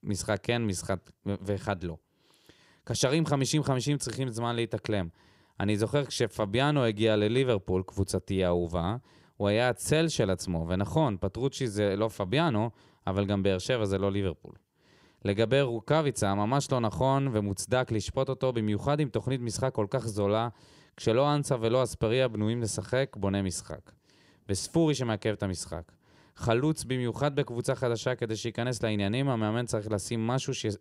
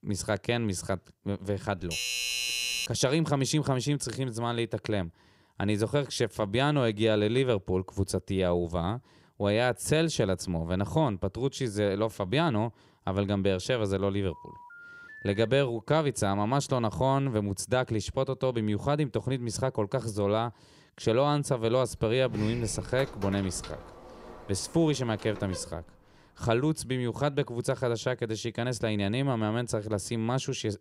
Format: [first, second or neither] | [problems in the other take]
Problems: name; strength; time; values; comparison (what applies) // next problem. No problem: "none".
first | doorbell; loud; from 2 to 3 s; peak 1 dB above the speech // phone ringing; faint; from 14 to 15 s; peak 15 dB below the speech // door banging; faint; from 22 to 26 s; peak 10 dB below the speech